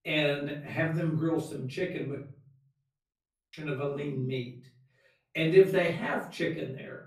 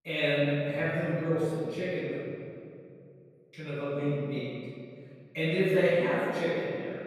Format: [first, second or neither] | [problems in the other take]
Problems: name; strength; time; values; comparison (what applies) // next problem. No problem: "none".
first | room echo; strong; dies away in 2.2 s; slight in the first // off-mic speech; far; far in the first